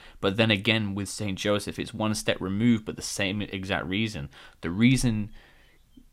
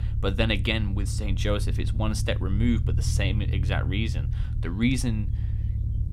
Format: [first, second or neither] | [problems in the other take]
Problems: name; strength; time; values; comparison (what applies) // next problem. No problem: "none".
first | low rumble; noticeable; throughout; 10 dB below the speech